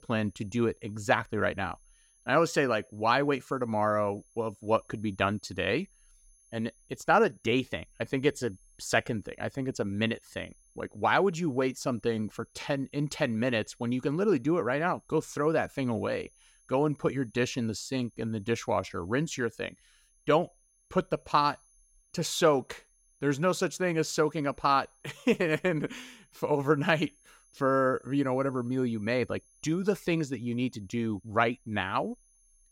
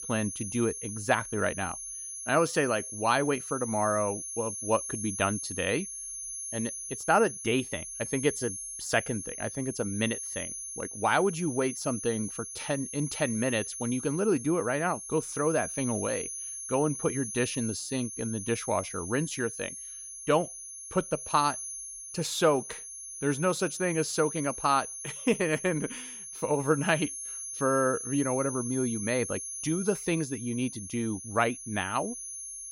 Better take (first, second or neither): first